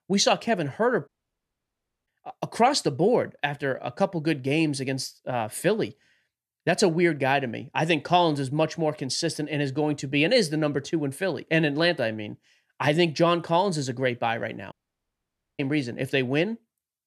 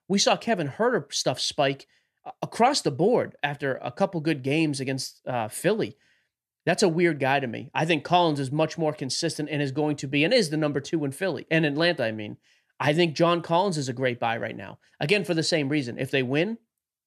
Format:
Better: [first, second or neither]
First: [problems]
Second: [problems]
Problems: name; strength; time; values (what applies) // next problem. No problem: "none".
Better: second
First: audio cutting out; at 1 s for 1 s and at 15 s for 1 s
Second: none